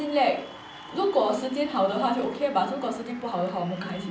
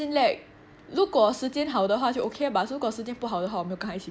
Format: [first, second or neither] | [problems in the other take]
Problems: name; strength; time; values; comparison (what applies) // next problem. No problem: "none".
second | background sound (Applause / Cheering); 18 dB below the speech // room echo; dies away in 0.6 s